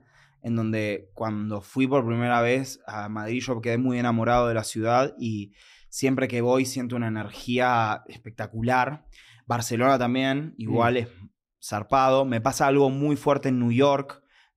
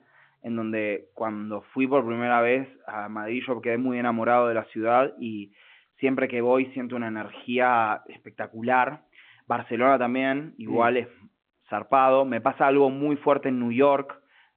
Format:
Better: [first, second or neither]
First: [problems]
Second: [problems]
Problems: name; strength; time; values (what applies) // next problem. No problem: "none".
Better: first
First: none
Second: phone-call audio